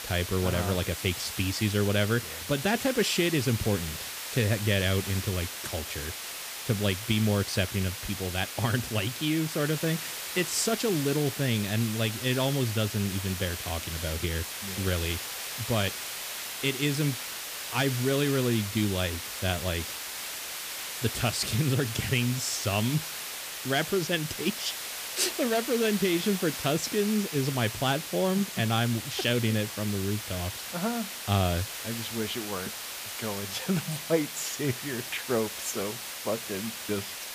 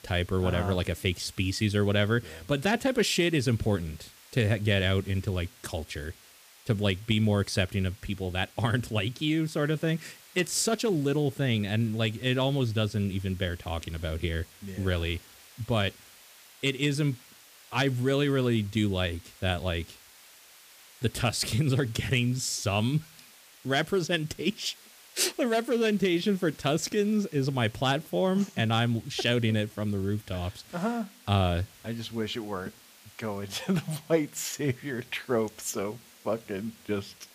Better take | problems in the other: second | hiss; loud; throughout; 5 dB below the speech; faint in the second

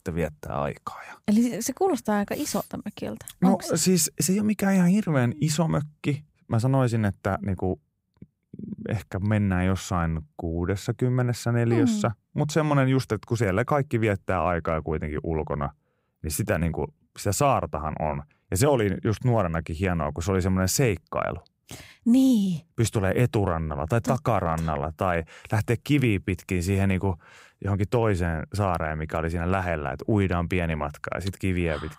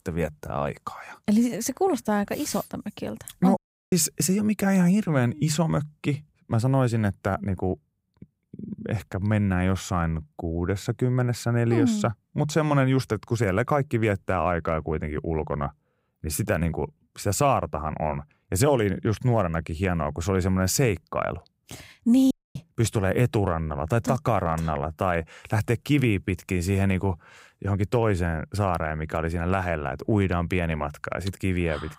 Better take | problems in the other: first | audio cutting out; at 3.5 s and at 22 s

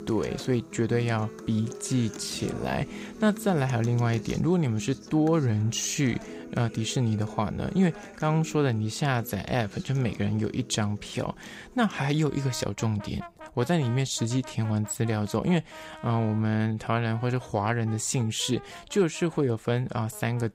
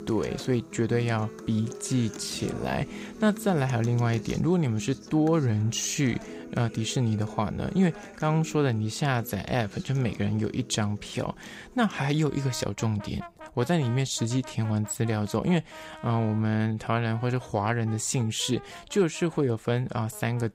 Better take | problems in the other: neither | background music; noticeable; throughout; 15 dB below the speech; the same in both

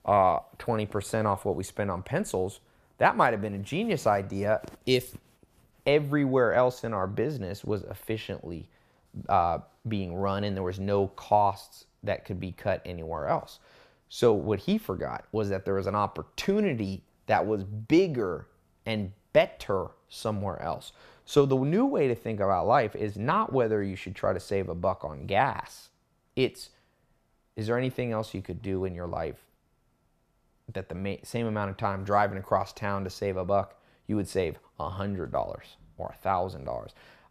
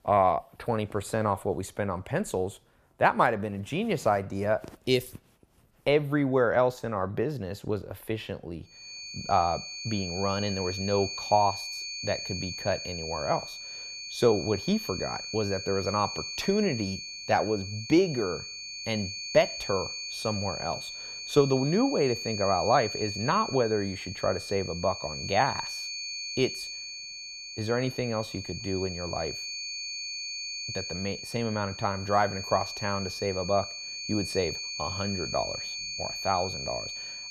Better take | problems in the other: first | high-pitched whine; loud; from 9 s on; 4.5 kHz, 6 dB below the speech

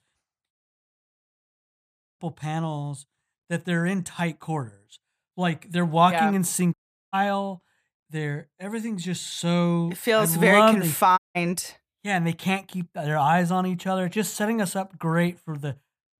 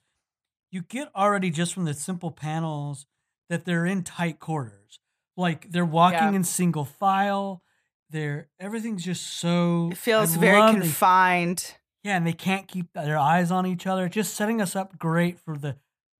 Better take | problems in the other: second | audio cutting out; at 0.5 s for 1.5 s, at 6.5 s and at 11 s

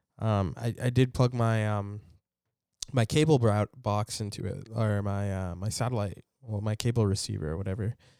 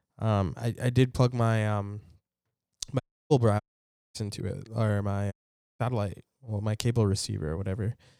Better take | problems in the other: first | audio cutting out; at 3 s, at 3.5 s for 0.5 s and at 5.5 s

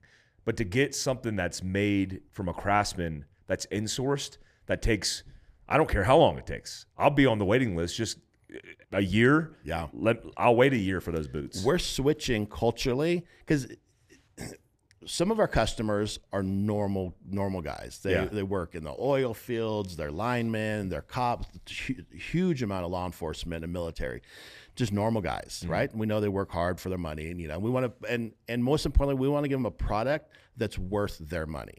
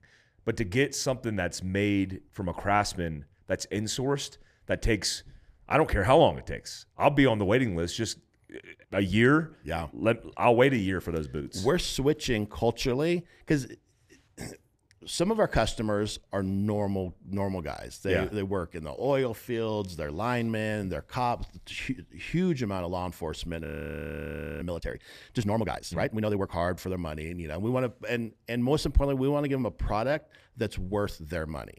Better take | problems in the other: first | audio freezing; at 24 s for 1 s

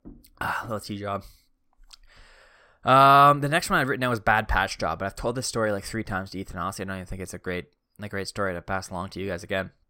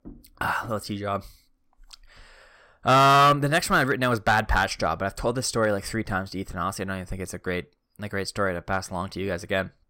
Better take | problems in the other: first | distortion; slight; 2% of the sound clipped

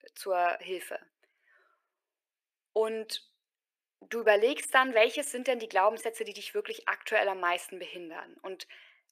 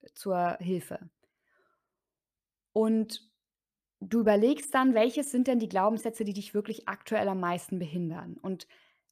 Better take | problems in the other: second | thin; very; fading below 400 Hz

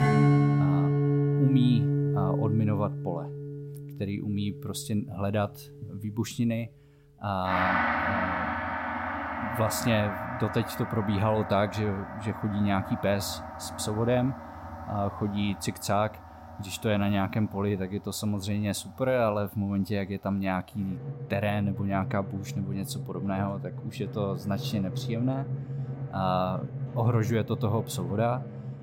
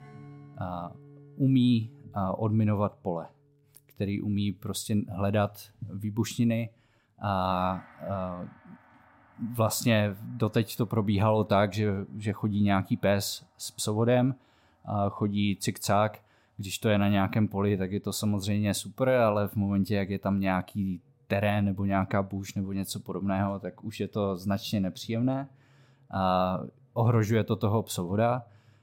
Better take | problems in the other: second | background music; loud; throughout; 2 dB below the speech; faint in the second

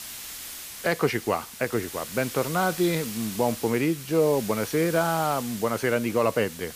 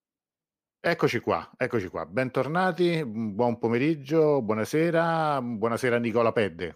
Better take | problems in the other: second | hiss; noticeable; throughout; 10 dB below the speech

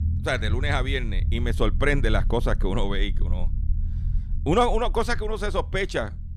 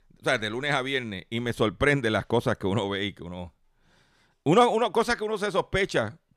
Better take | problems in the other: second | low rumble; faint; throughout; 20 dB below the speech

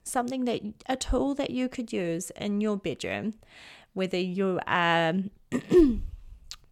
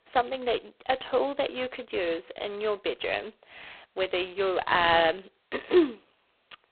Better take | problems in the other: first | phone-call audio; poor line; nothing above 4 kHz

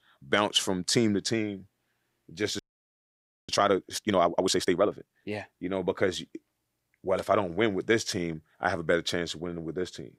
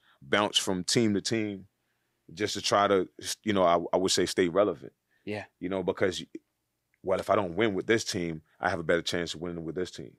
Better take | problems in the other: second | audio freezing; at 2.5 s for 1 s

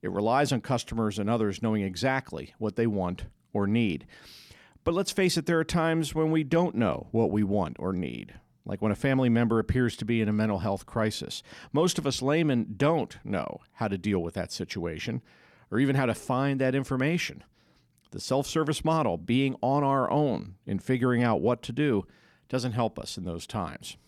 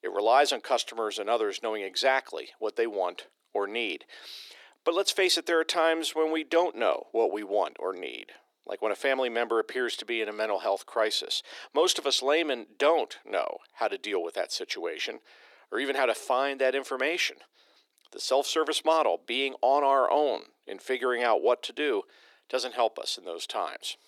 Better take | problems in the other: first | thin; very; fading below 350 Hz

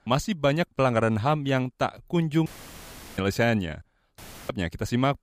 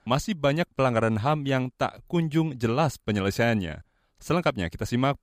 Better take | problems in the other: second | audio cutting out; filled with static; at 2.5 s for 0.5 s and at 4 s

